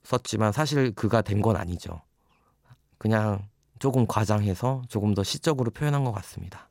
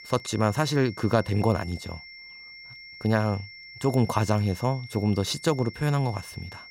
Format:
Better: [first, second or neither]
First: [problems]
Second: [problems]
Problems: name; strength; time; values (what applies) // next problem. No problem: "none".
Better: first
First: none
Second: high-pitched whine; noticeable; throughout; 2 kHz, 15 dB below the speech